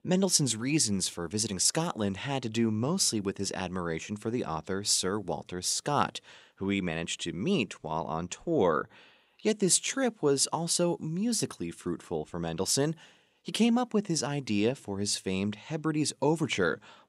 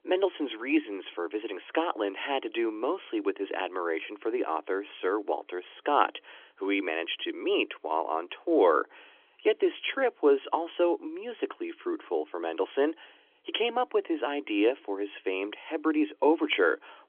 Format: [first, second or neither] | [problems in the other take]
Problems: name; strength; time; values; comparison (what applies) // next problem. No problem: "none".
first | phone-call audio; nothing above 3.5 kHz